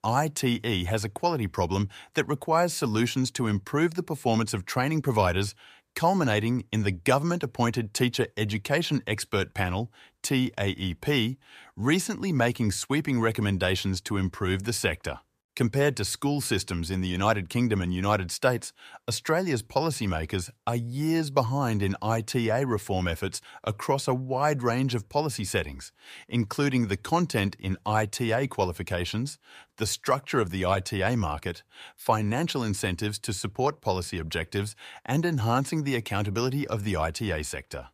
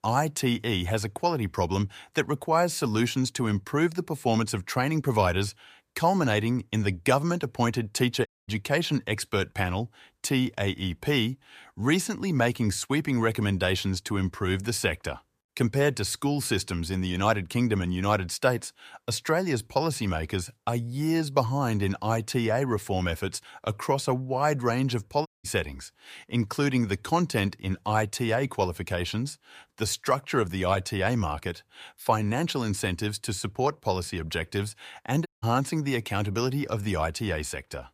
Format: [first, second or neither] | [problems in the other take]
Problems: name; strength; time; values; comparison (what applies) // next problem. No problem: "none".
first | audio cutting out; at 8.5 s, at 25 s and at 35 s